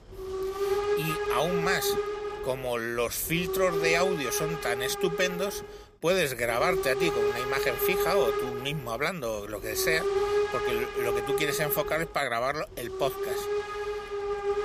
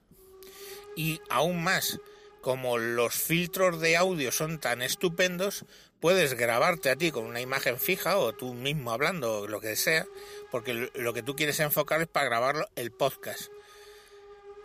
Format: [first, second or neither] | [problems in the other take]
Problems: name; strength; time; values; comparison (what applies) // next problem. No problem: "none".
second | hiss; loud; throughout; 1 dB below the speech; faint in the second